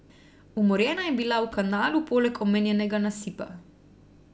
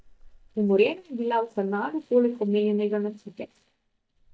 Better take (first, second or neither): first